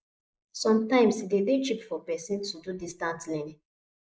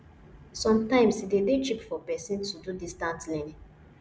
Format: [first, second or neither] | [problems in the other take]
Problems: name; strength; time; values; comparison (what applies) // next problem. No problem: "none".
second | noise reduction (neural mask model Resemble Enhance denoiser)